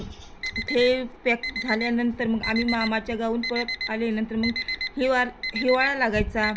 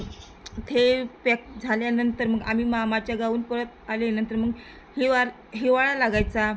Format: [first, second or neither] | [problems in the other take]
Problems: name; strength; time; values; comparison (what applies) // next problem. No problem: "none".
second | background sound (Alarm); 8 dB below the speech